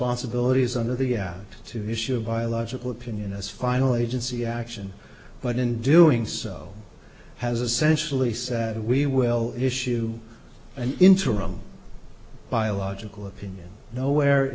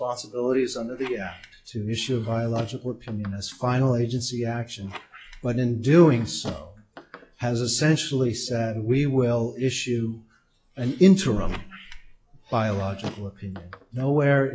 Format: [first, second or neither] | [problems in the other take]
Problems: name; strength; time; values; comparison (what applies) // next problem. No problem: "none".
first | noise reduction (classical method log-MMSE)